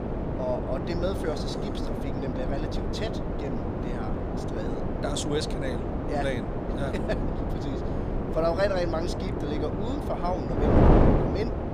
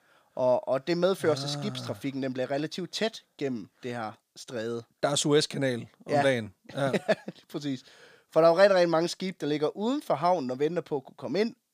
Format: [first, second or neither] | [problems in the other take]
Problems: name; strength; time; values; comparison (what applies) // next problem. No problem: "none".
second | wind noise on the microphone; heavy; as loud as the speech